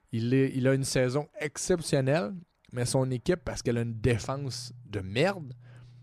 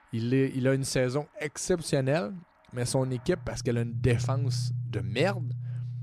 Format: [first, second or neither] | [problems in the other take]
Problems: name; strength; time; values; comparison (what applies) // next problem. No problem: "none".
first | background music; loud; throughout; 4 dB below the speech; faint in the first